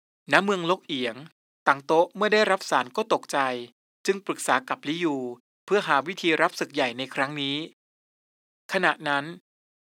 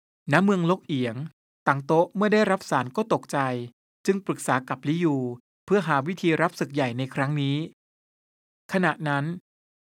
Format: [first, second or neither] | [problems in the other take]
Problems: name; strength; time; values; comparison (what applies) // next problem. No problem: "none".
second | thin; somewhat; fading below 350 Hz